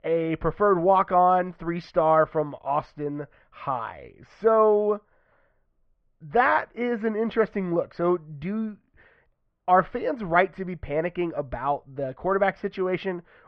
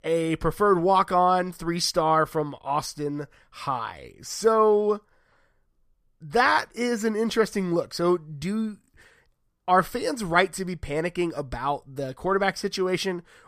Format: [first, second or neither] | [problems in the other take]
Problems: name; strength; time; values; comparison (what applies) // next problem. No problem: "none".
second | muffled; very; fading above 2.5 kHz